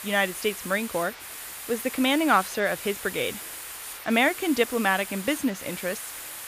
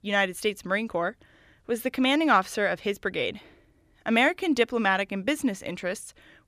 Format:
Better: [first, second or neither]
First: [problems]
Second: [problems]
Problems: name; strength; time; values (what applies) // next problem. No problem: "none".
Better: second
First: hiss; loud; throughout; 10 dB below the speech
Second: none